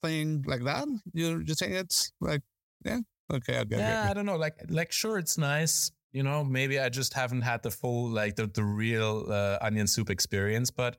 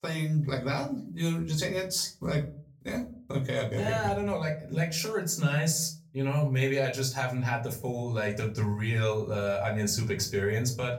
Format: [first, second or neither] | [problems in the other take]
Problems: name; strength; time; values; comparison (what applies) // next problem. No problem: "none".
first | off-mic speech; far // room echo; very slight; dies away in 0.3 s